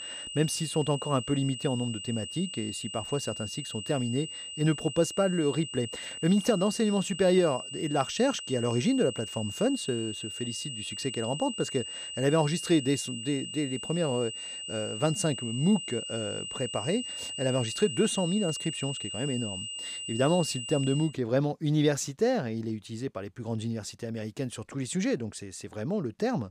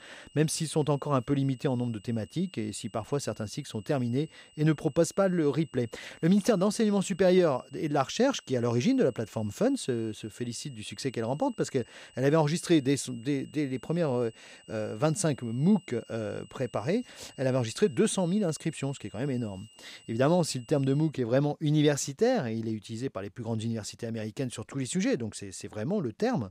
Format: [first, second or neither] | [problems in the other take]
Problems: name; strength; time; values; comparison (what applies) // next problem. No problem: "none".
second | high-pitched whine; loud; until 21 s; 3 kHz, 7 dB below the speech; faint in the second